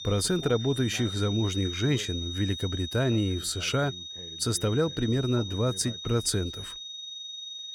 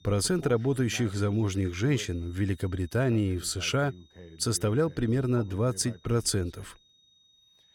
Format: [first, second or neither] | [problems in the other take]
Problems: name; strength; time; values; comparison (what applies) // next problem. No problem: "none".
second | high-pitched whine; loud; throughout; 3.5 kHz, 8 dB below the speech; faint in the second